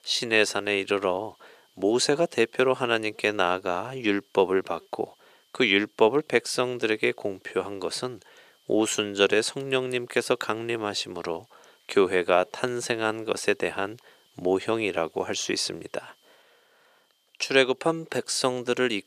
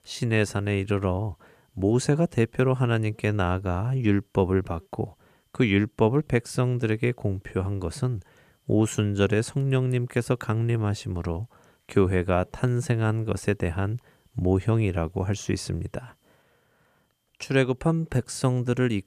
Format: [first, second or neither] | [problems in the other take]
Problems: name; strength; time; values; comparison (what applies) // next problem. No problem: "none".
second | thin; somewhat; fading below 450 Hz